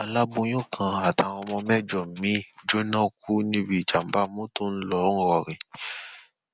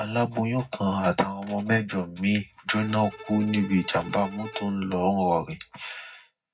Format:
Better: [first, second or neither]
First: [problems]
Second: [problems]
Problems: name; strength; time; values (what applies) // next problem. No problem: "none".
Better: first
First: none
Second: background sound (Bowed string instrument); 18 dB below the speech // room echo; dies away in 0.4 s